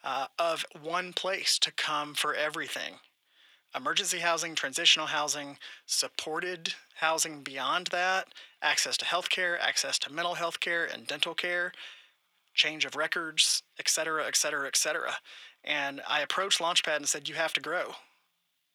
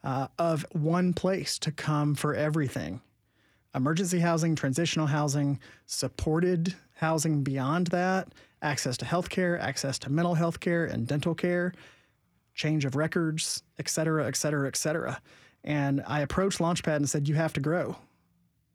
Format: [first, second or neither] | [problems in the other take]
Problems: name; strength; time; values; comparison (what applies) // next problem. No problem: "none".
second | thin; very; fading below 750 Hz